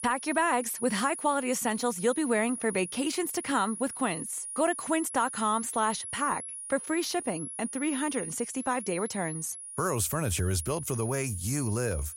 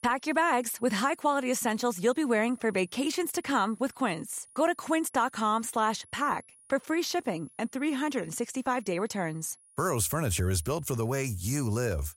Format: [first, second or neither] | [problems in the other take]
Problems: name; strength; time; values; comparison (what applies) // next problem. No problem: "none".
second | high-pitched whine; loud; throughout; 10.5 kHz, 8 dB below the speech; faint in the second